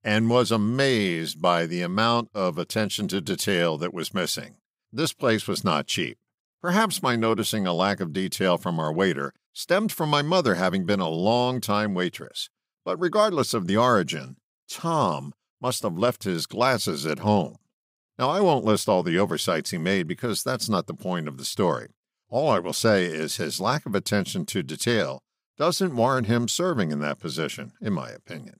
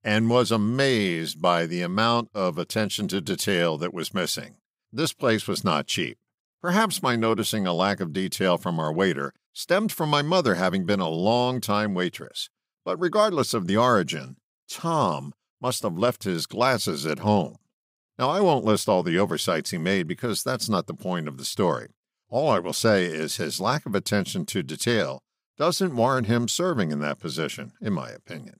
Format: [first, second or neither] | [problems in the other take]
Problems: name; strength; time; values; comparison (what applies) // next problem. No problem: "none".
neither | none